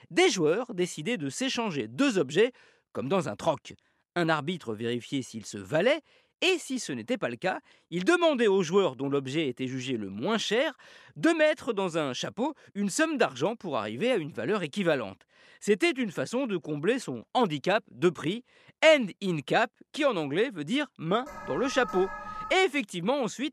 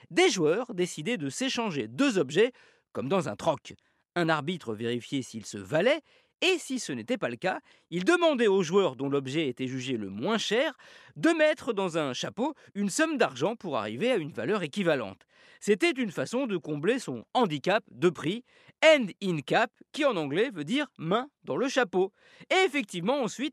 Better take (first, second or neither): second